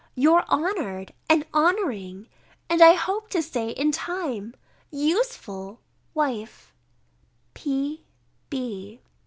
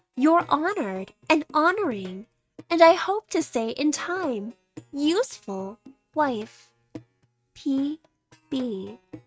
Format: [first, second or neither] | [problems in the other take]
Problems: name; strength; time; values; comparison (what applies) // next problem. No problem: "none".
first | noise reduction (neural mask model RNNoise)